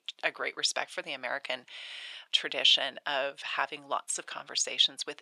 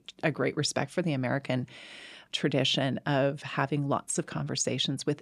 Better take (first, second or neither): second